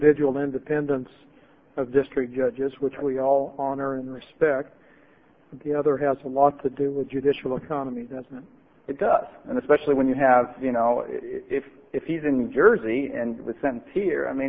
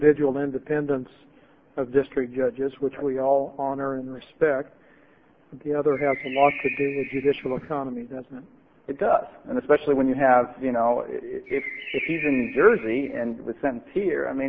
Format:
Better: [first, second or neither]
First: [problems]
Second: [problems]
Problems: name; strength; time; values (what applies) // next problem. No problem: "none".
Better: first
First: none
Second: background sound (Bird); 10 dB below the speech